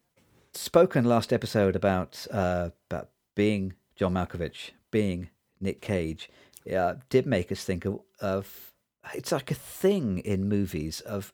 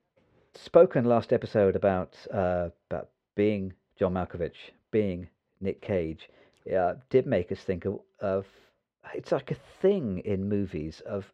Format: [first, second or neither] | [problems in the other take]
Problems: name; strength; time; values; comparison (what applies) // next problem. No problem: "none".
first | muffled; slightly; fading above 3 kHz